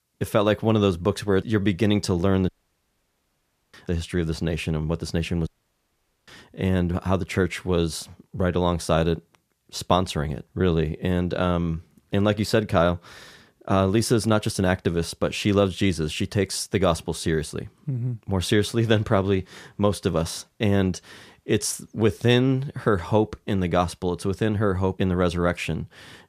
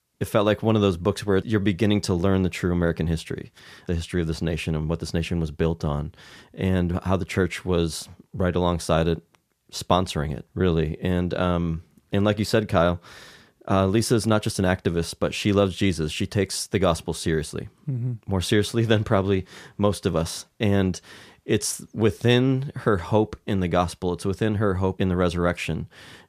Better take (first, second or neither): second